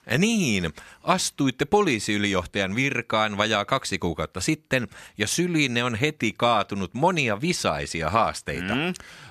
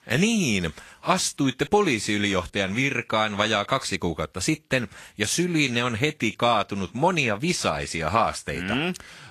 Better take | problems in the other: first | garbled, watery; slightly; nothing above 12.5 kHz

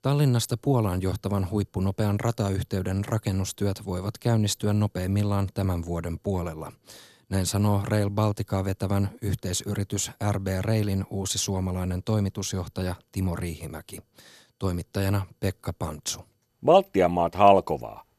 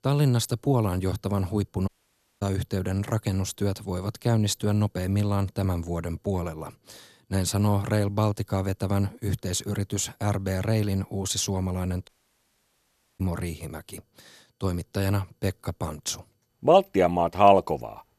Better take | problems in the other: first | audio cutting out; at 2 s for 0.5 s and at 12 s for 1 s

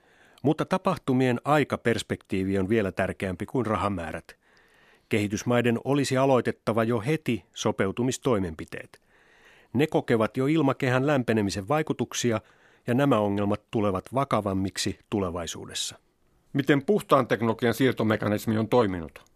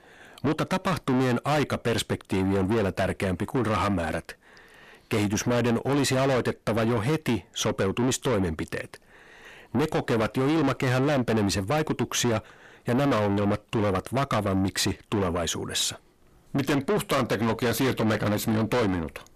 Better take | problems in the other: first | distortion; heavy; 5 dB below the speech

